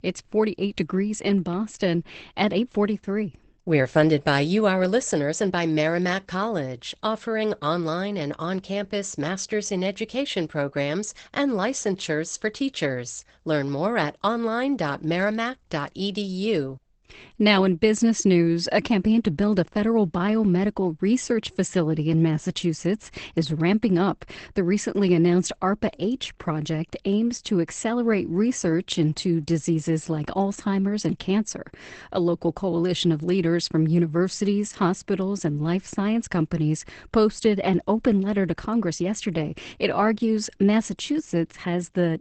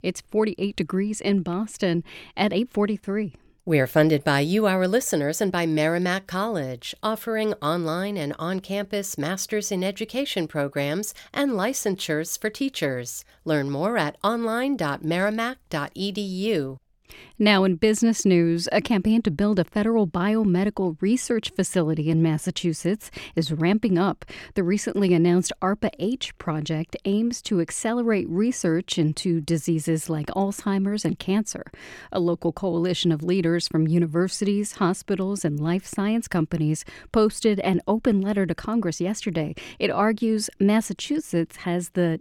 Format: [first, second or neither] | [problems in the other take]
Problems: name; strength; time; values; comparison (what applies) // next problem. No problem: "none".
second | garbled, watery; badly; nothing above 8 kHz